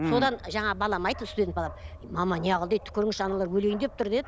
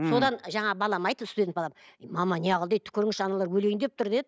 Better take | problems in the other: second | background sound (Bark); 15 dB below the speech

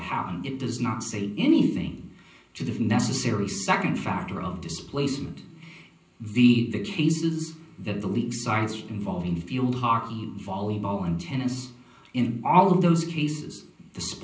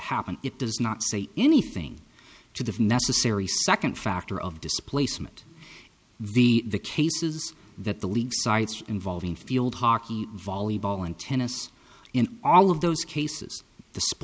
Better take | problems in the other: second | room echo; dies away in 0.6 s

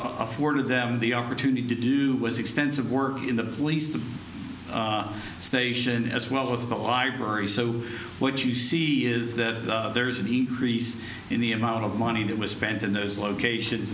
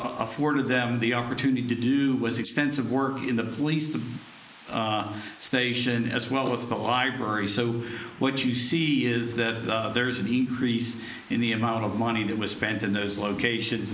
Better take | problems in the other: first | noise reduction (neural mask model Resemble Enhance denoiser)

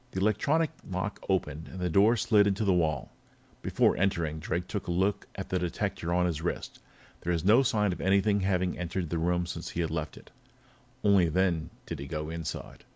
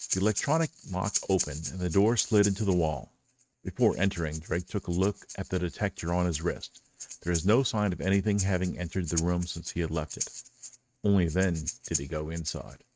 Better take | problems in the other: first | noise reduction (neural mask model RNNoise)

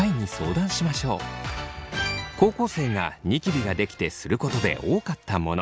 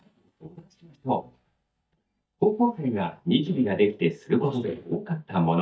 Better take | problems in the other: first | noise reduction (neural mask model DeepFilterNet 3)

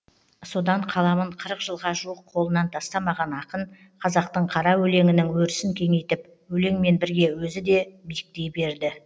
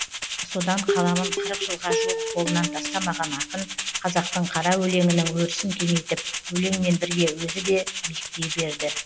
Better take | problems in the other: first | background sound (Plucked string instrument + Rattle (instrument)); 4 dB below the speech

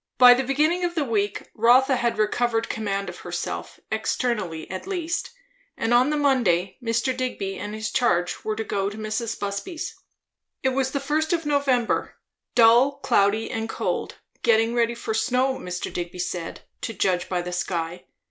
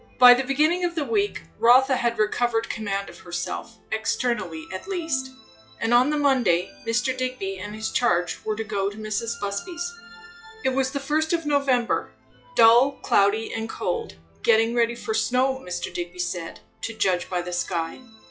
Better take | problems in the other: first | noise reduction (classical method log-MMSE)

